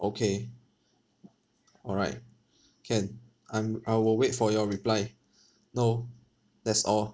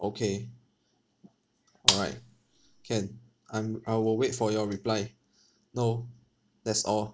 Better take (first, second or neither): first